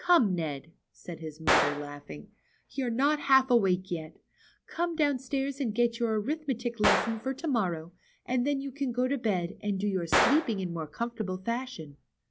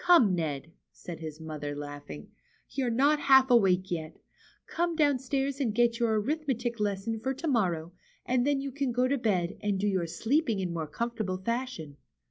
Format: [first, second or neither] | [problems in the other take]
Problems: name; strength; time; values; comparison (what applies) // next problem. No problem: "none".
second | background sound (Gunshot, gunfire); 7 dB below the speech